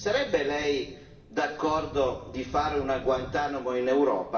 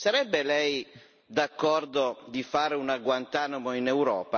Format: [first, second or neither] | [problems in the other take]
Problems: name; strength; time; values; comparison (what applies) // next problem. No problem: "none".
second | background sound (Thunder / Rain); 16 dB below the speech // room echo; dies away in 0.8 s